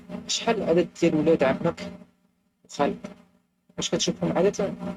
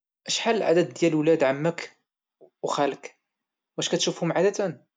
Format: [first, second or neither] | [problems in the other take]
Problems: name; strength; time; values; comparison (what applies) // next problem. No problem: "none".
second | noise reduction (neural mask model RNNoise)